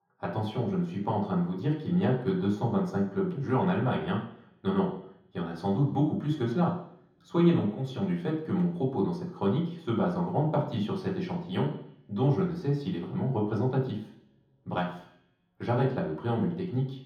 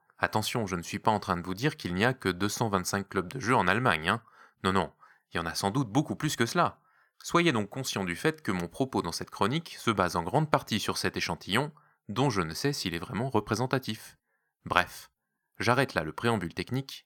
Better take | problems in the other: second | room echo; noticeable; dies away in 0.7 s // off-mic speech; far

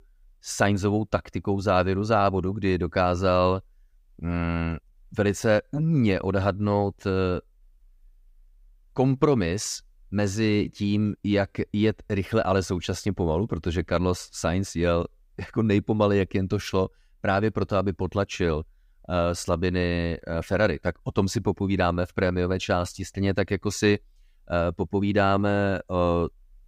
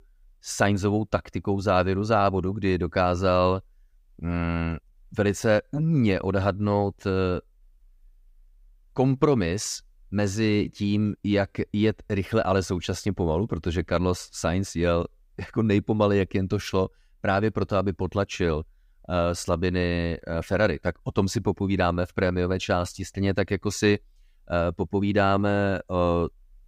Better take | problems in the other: neither | none

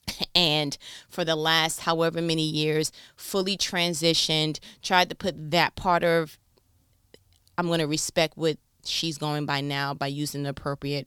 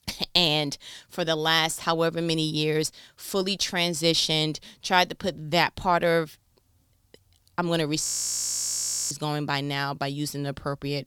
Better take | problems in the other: first | audio freezing; at 8 s for 1 s

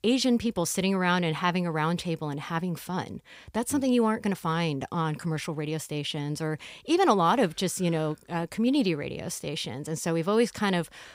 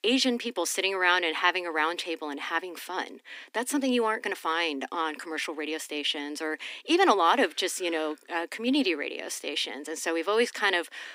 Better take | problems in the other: first | thin; somewhat; fading below 250 Hz

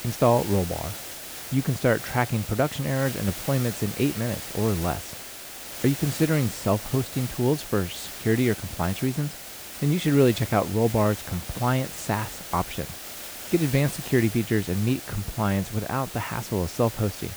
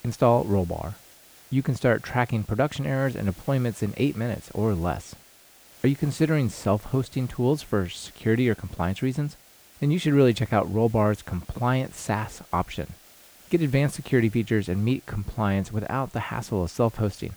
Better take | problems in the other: second | hiss; loud; throughout; 9 dB below the speech; faint in the second

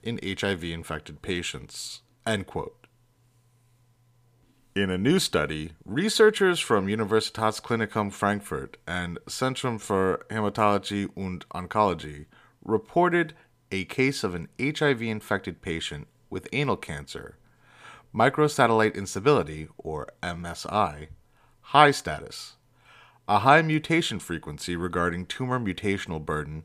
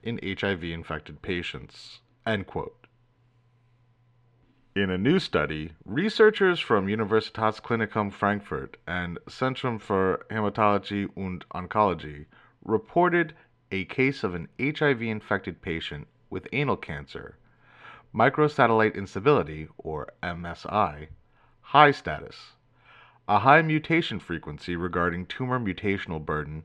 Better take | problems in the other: first | muffled; slightly; fading above 2.5 kHz

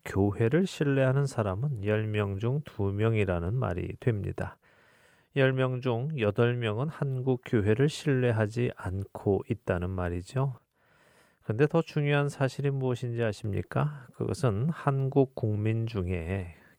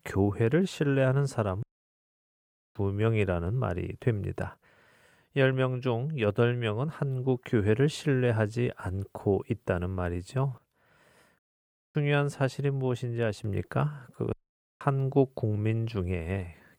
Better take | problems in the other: first | audio cutting out; at 1.5 s for 1 s, at 11 s for 0.5 s and at 14 s

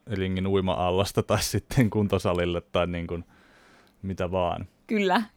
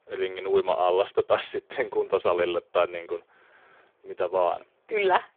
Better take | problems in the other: first | phone-call audio; poor line

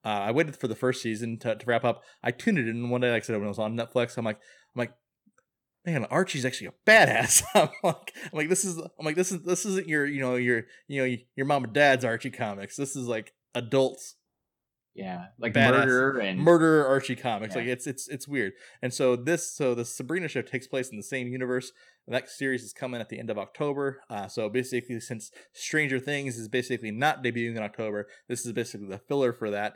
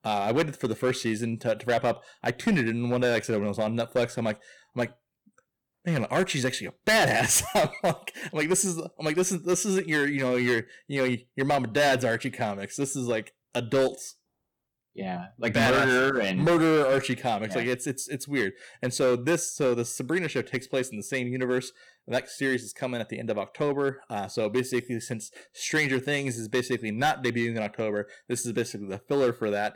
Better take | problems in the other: first | distortion; heavy; 5% of the sound clipped

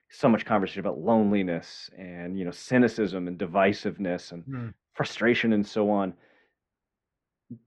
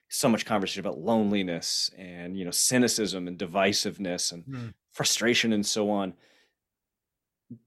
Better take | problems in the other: second | muffled; very; fading above 1.5 kHz

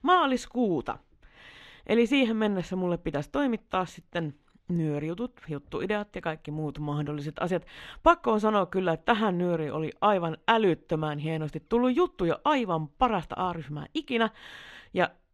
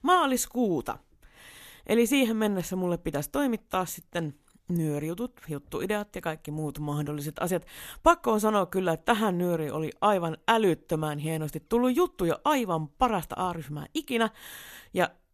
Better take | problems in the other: second | muffled; slightly; fading above 3.5 kHz

